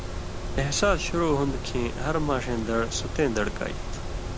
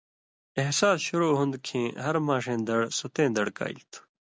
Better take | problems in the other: second | background sound (Mechanisms); 3 dB below the speech

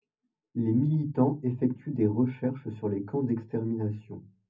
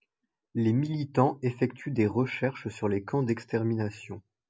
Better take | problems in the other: second | room echo; dies away in 0.4 s

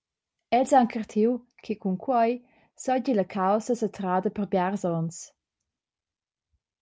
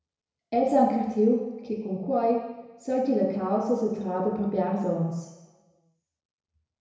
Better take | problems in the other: first | room echo; dies away in 1 s

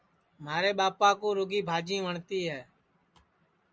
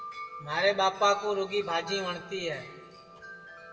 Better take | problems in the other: first | background sound (Wind chime); 14 dB below the speech // room echo; dies away in 1.5 s

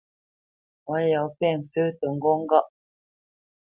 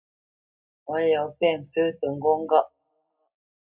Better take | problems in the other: first | room echo; dies away in 0.2 s

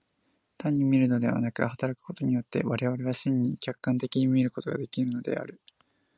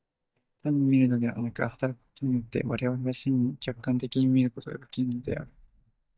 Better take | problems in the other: first | noise reduction (neural mask model DeepFilterNet 3)

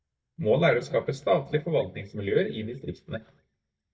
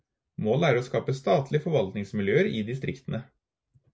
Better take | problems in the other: second | noise reduction (neural mask model DeepFilterNet 3)

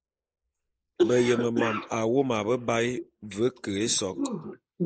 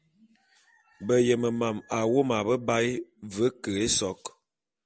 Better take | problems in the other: second | noise reduction (neural mask model Resemble Enhance denoiser)

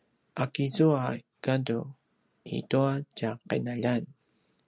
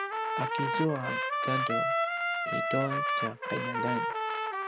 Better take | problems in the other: first | background sound (Trumpet); 5 dB above the speech

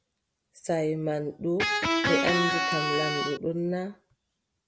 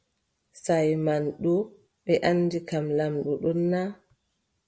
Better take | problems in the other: second | background sound (Electric guitar); 4 dB above the speech

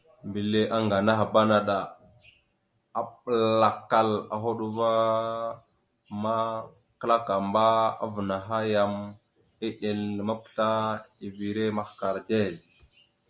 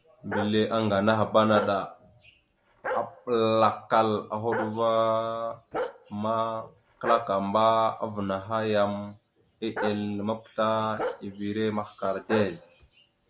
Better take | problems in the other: first | background sound (Bark); 10 dB below the speech

